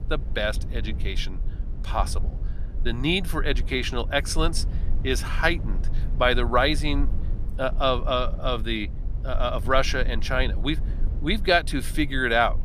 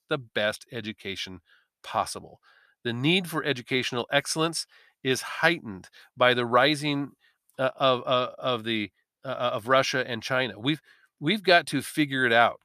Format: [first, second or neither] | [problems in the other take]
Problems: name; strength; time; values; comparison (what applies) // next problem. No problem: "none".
second | low rumble; faint; throughout; 20 dB below the speech